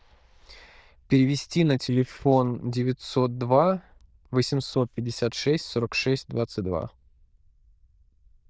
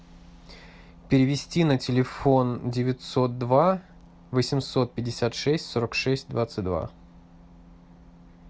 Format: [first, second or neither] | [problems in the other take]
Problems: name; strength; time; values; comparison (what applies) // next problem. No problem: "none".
second | noise reduction (neural diffusion model UNIVERSE++)